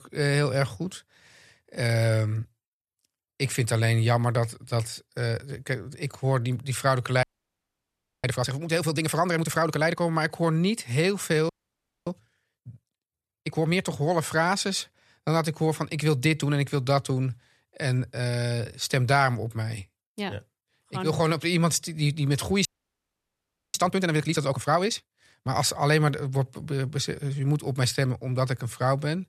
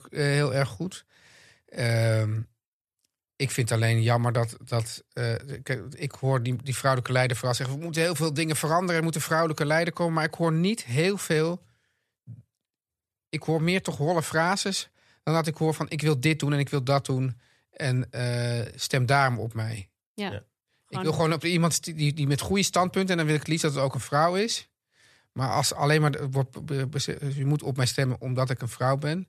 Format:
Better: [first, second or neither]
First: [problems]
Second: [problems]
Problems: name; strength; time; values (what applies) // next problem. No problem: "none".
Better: second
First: audio freezing; at 7 s for 1 s, at 11 s for 0.5 s and at 23 s for 1 s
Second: none